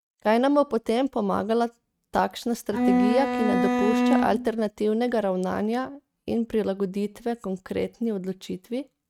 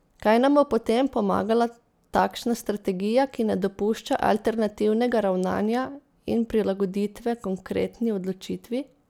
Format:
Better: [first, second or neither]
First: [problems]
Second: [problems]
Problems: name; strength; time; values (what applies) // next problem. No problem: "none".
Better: second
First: noise reduction (neural mask model RNNoise)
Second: none